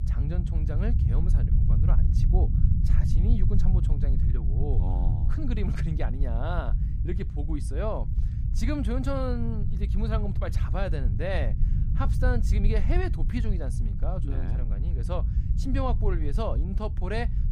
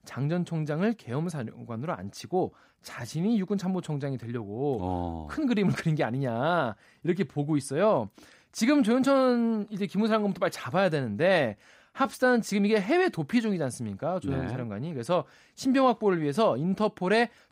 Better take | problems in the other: second | low rumble; loud; throughout; 7 dB below the speech

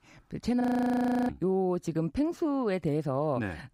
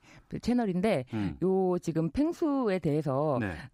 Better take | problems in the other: second | audio freezing; at 0.5 s for 0.5 s

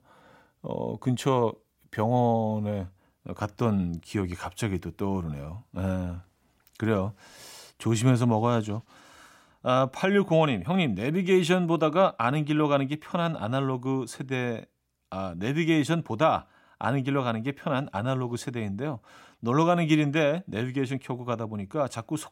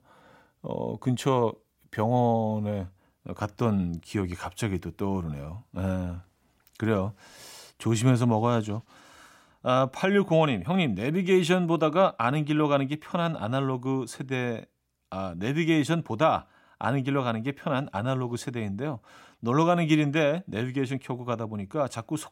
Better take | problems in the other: neither | none

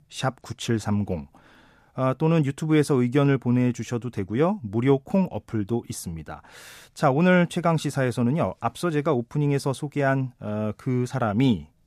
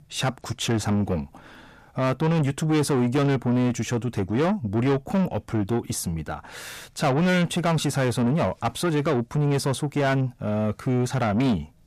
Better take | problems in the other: first | distortion; heavy; 8 dB below the speech

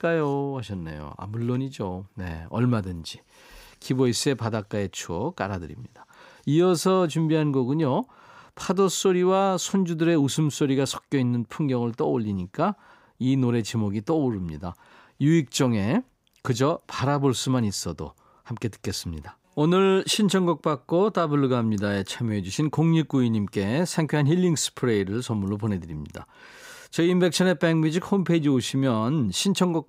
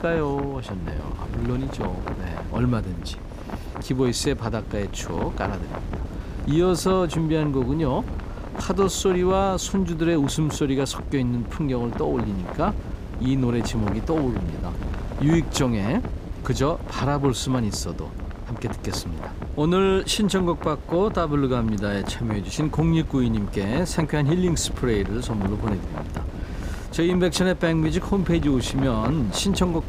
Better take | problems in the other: first | wind noise on the microphone; occasional gusts; 10 dB below the speech

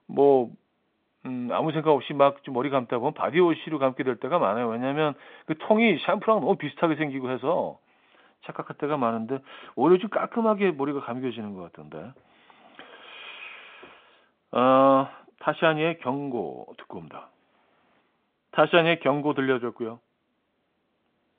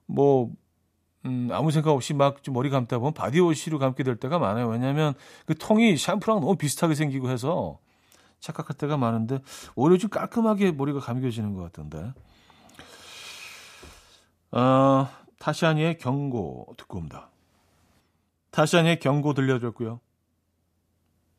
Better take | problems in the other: second | phone-call audio; nothing above 3.5 kHz

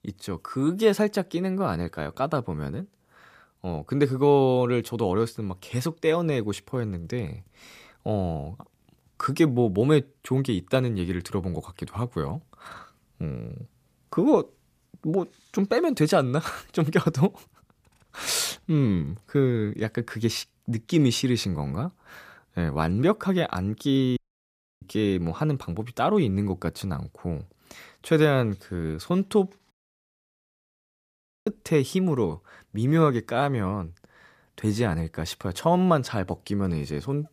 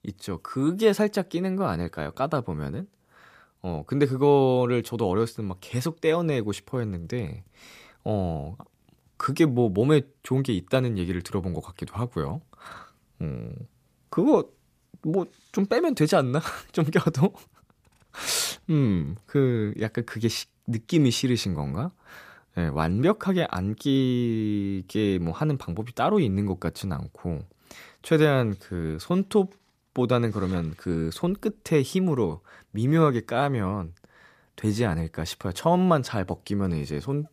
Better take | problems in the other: second | audio cutting out; at 24 s for 0.5 s and at 30 s for 2 s

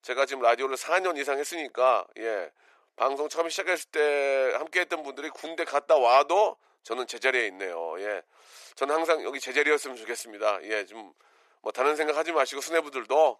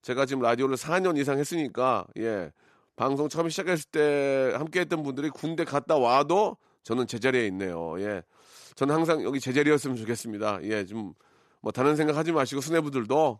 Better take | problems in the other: second | thin; very; fading below 450 Hz

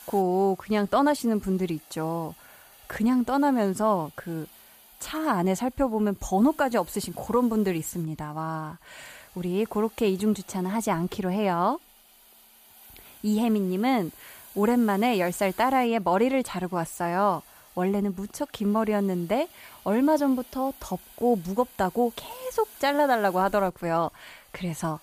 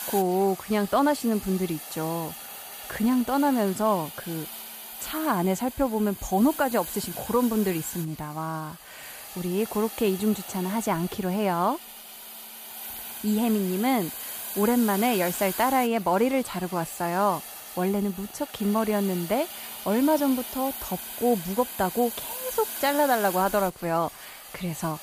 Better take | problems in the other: first | hiss; loud; throughout; 10 dB below the speech; faint in the first

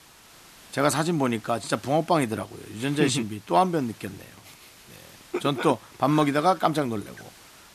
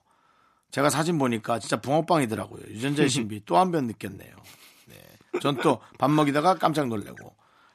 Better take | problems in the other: second | hiss; faint; throughout; 25 dB below the speech

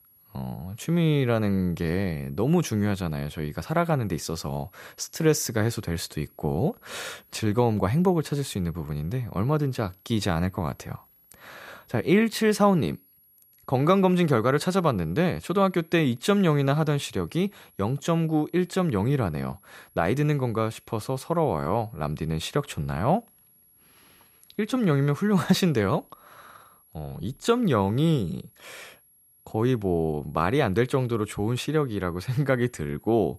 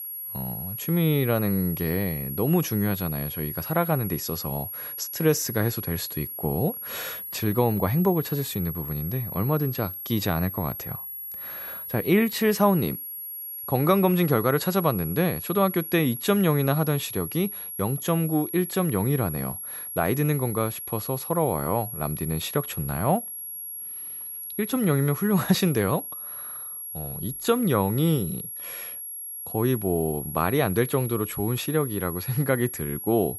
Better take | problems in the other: first | high-pitched whine; loud; throughout; 11.5 kHz, 7 dB below the speech; faint in the first

